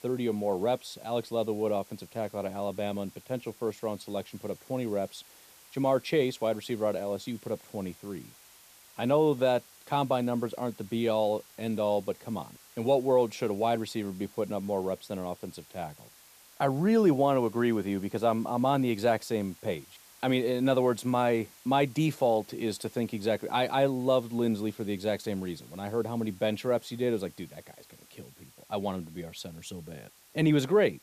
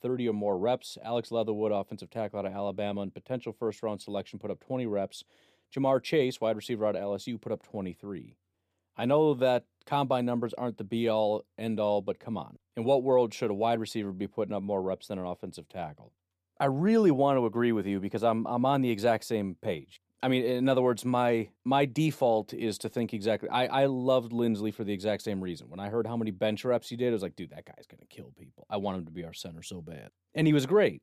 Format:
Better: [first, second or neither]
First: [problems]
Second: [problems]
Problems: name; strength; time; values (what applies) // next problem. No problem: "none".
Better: second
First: hiss; faint; throughout; 25 dB below the speech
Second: none